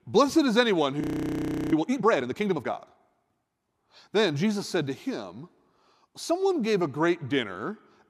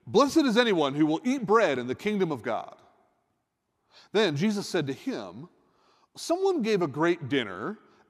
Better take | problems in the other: second | audio freezing; at 1 s for 0.5 s

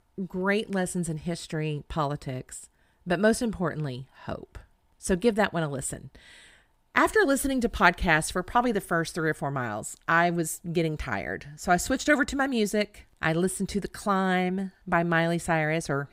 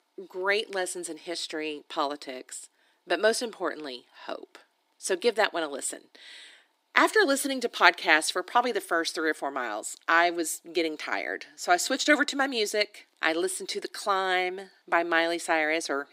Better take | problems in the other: first | thin; somewhat; fading below 300 Hz

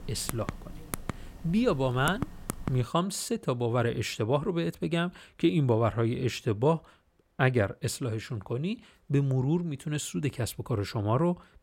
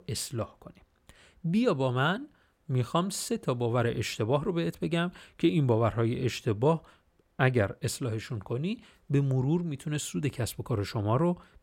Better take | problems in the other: second | keyboard typing; noticeable; until 3 s; peak 8 dB below the speech

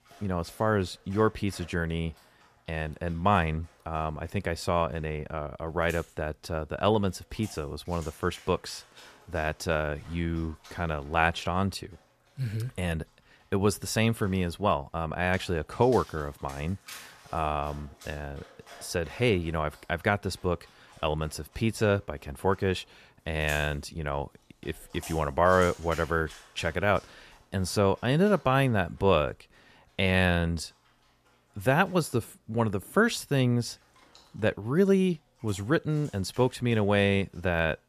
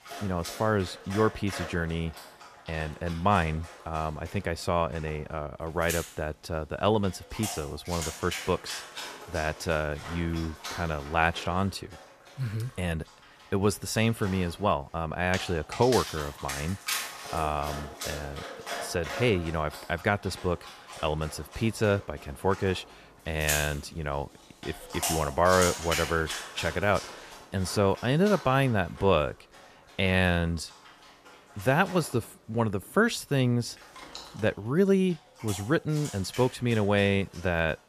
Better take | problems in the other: first | animal sounds; loud; throughout; 10 dB below the speech; faint in the first

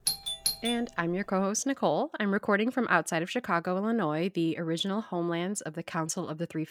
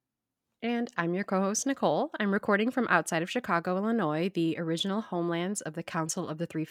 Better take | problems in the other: second | doorbell; loud; at the start; peak level with the speech

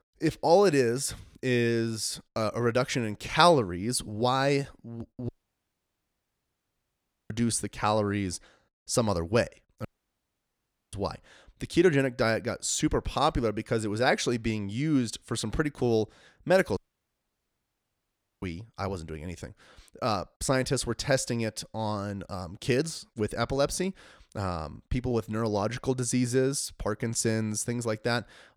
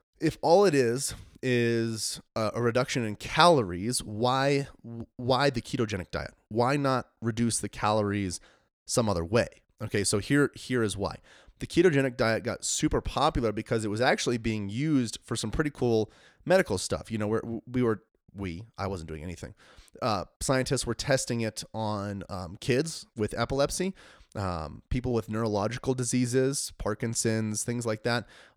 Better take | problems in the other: second | audio cutting out; at 5.5 s for 2 s, at 10 s for 1 s and at 17 s for 1.5 s

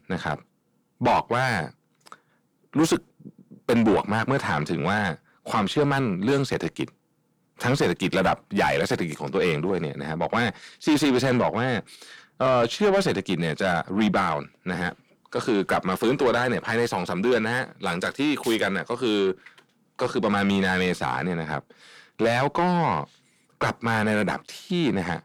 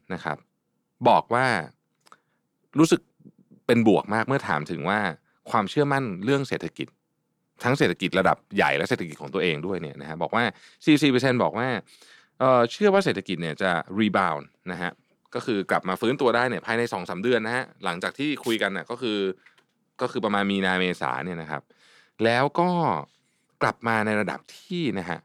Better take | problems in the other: second | distortion; heavy; 6 dB below the speech

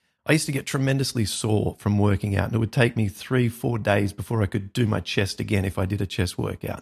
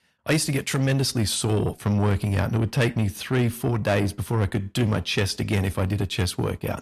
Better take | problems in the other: first | distortion; slight; 10 dB below the speech

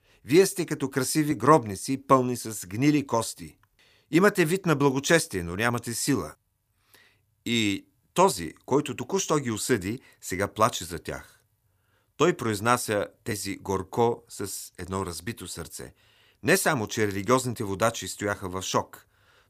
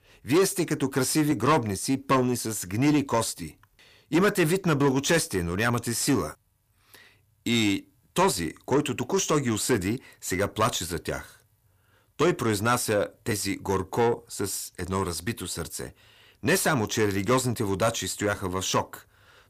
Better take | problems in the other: first | distortion; heavy; 8 dB below the speech

